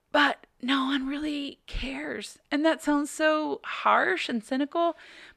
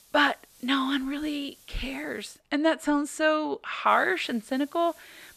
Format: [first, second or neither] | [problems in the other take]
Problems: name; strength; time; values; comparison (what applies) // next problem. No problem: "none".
first | hiss; faint; until 2.5 s and from 4 s on; 25 dB below the speech